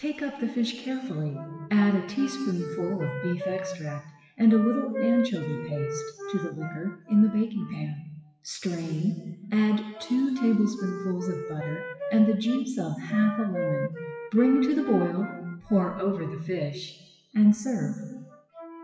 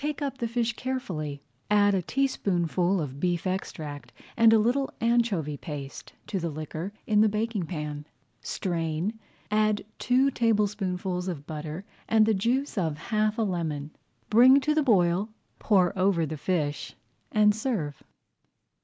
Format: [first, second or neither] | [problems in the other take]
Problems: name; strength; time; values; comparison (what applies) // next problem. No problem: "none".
second | noise reduction (classical method WPE with log-MMSE)